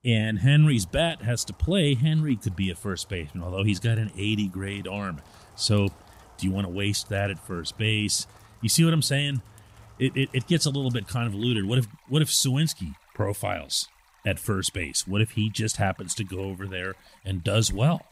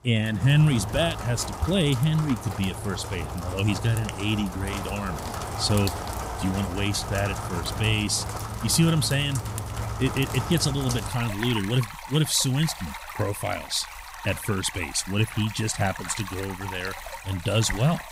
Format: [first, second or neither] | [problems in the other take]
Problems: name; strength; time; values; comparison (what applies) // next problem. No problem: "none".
first | rain or running water; loud; throughout; 8 dB below the speech; faint in the first